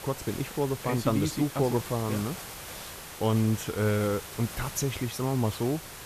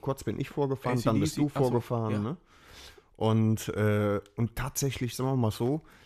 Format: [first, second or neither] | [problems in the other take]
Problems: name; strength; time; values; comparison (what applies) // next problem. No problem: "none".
second | hiss; noticeable; throughout; 10 dB below the speech